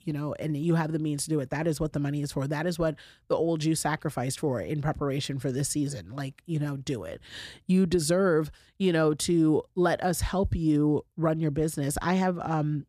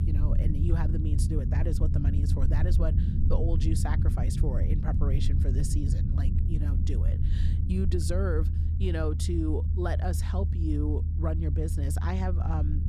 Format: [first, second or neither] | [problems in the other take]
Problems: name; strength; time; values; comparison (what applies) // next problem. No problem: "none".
first | low rumble; loud; throughout; 5 dB below the speech